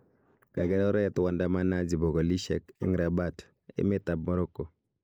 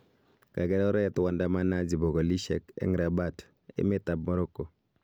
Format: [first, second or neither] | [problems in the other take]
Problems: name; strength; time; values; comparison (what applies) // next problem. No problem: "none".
second | noise reduction (neural mask model Resemble Enhance denoiser)